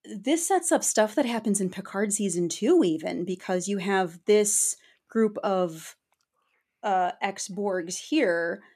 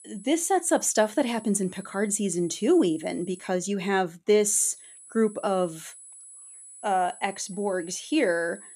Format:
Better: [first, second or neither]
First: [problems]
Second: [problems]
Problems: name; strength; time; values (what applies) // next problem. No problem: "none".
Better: first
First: none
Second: high-pitched whine; noticeable; until 3.5 s and from 4.5 s on; 10 kHz, 20 dB below the speech